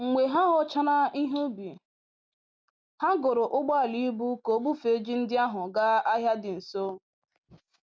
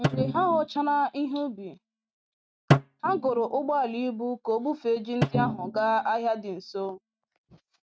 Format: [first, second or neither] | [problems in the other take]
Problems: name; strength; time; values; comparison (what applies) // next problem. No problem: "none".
first | noise reduction (neural mask model RNNoise)